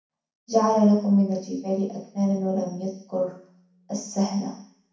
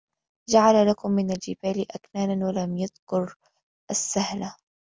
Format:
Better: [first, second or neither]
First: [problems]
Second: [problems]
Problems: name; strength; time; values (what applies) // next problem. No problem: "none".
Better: second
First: room echo; dies away in 0.6 s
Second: none